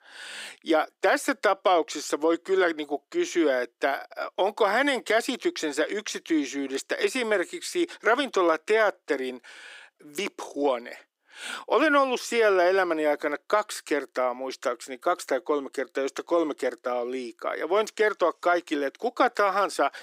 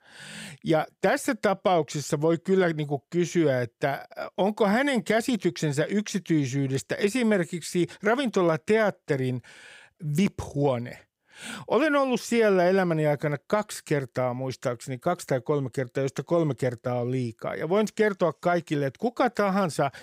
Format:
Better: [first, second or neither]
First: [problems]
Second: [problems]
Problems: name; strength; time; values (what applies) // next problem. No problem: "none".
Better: second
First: thin; somewhat; fading below 300 Hz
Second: none